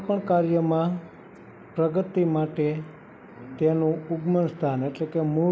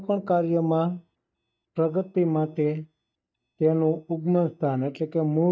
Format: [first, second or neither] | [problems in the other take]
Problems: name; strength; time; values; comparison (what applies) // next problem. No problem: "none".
first | noise reduction (neural mask model DeepFilterNet 3)